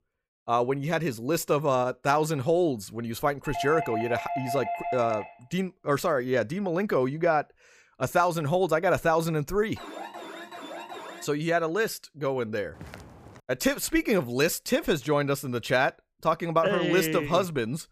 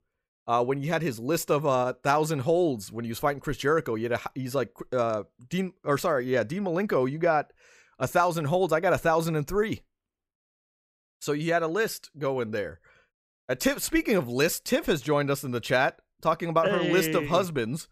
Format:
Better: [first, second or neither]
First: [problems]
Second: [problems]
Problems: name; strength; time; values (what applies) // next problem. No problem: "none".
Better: second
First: doorbell; noticeable; from 3.5 to 5.5 s; peak 5 dB below the speech // alarm; faint; from 10 to 11 s; peak 10 dB below the speech // footsteps; faint; at 13 s; peak 20 dB below the speech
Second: none